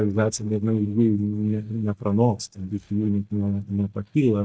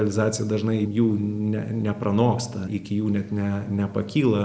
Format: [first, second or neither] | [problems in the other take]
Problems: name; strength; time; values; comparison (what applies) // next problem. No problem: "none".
second | noise reduction (neural mask model DeepFilterNet 3)